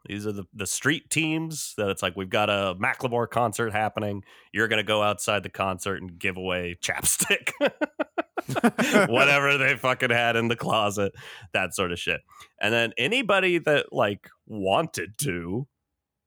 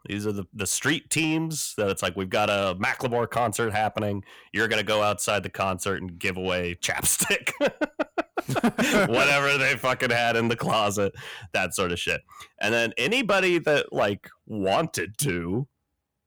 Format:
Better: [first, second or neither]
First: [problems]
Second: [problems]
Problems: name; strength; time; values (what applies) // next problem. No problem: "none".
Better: first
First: none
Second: distortion; slight; 10 dB below the speech